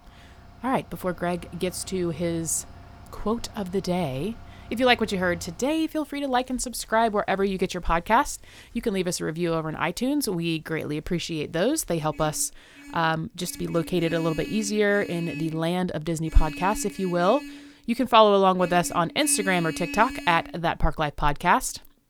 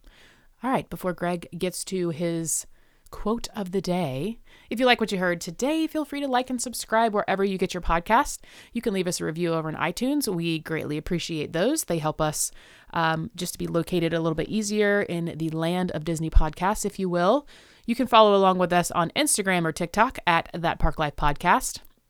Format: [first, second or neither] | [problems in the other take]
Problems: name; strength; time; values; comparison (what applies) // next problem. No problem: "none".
second | traffic noise; noticeable; throughout; 15 dB below the speech